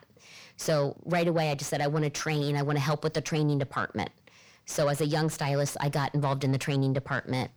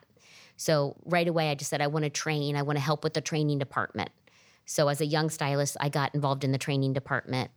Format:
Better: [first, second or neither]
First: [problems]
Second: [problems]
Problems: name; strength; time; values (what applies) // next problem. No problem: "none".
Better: second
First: distortion; slight; 10 dB below the speech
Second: none